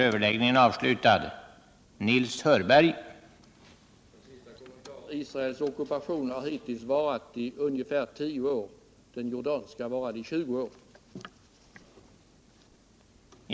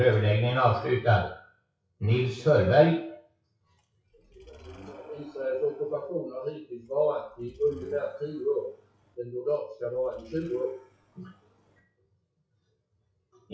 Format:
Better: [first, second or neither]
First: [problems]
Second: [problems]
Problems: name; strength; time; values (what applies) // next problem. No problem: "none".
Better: first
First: none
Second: noise reduction (classical method WPE with log-MMSE)